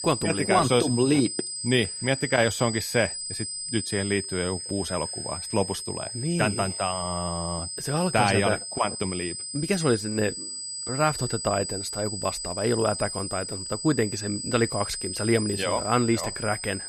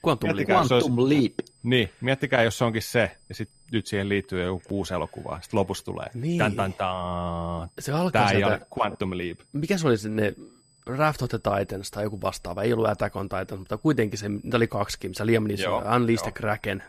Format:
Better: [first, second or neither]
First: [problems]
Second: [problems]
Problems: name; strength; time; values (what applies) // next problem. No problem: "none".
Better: second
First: high-pitched whine; loud; throughout; 8 kHz, 5 dB below the speech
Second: high-pitched whine; faint; throughout; 8 kHz, 35 dB below the speech